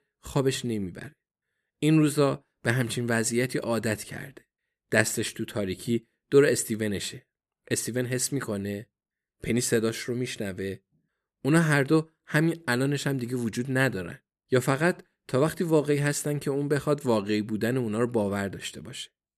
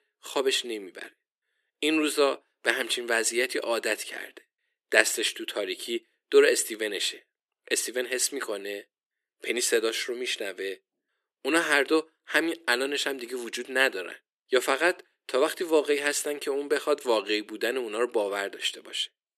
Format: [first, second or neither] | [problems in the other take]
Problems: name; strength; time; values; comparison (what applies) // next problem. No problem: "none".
first | thin; very; fading below 350 Hz